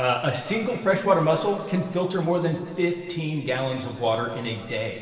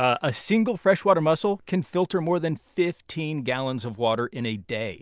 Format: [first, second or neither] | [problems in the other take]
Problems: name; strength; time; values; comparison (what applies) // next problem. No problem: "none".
second | room echo; dies away in 2.4 s